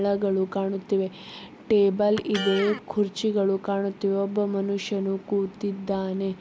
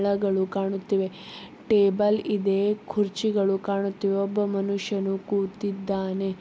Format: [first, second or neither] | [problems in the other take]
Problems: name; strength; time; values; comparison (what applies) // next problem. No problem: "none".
second | background sound (Electric guitar); 13 dB below the speech